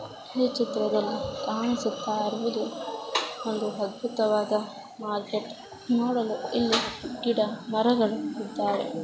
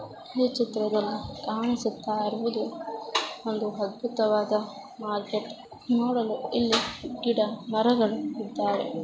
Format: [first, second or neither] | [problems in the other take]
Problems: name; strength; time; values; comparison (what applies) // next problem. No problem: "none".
second | background sound (Hiss); 13 dB below the speech